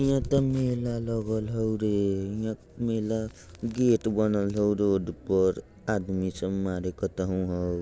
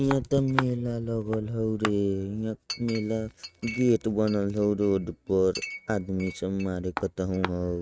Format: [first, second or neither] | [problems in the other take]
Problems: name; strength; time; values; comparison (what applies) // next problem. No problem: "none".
first | noise reduction (neural mask model RNNoise)